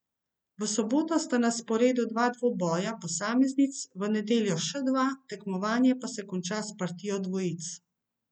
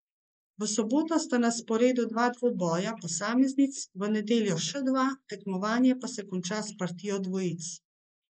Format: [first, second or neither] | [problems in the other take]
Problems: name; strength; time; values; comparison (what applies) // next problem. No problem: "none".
first | noise reduction (neural mask model Resemble Enhance denoiser)